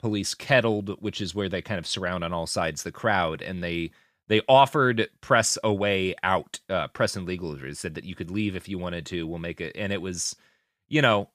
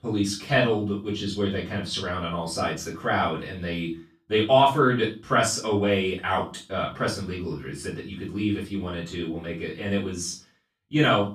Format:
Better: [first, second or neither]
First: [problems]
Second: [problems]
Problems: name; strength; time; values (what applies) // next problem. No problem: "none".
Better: first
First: none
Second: off-mic speech; far // room echo; slight; dies away in 0.3 s